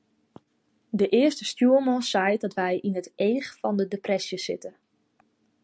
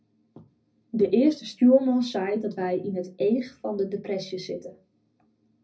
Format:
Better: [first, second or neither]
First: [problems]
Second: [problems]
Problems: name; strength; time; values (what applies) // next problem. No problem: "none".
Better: first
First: none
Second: room echo; dies away in 0.4 s